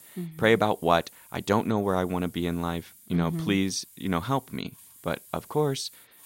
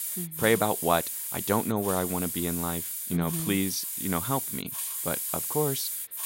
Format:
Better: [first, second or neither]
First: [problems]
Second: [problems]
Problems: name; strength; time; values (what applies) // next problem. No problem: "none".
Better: first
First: hiss; faint; throughout; 20 dB below the speech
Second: hiss; loud; throughout; 1 dB below the speech